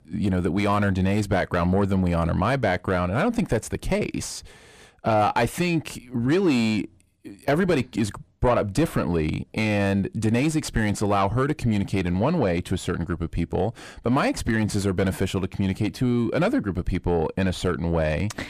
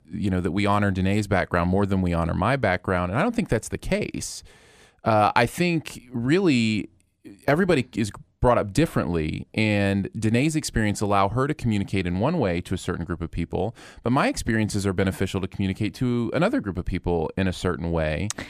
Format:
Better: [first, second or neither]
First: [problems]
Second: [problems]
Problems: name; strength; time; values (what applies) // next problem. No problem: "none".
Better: second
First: distortion; slight; 10 dB below the speech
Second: none